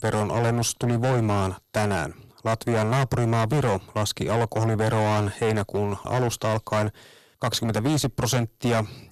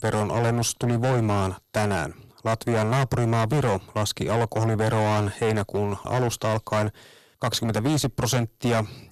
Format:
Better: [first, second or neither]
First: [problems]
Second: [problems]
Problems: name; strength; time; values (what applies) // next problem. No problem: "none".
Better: neither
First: distortion; heavy; 16% of the sound clipped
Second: distortion; heavy; 16% of the sound clipped